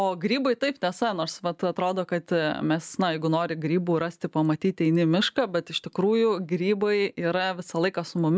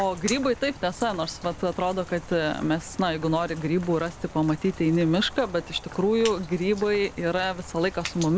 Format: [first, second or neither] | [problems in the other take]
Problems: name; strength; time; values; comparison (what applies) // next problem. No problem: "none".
first | background sound (Rain); 15 dB below the speech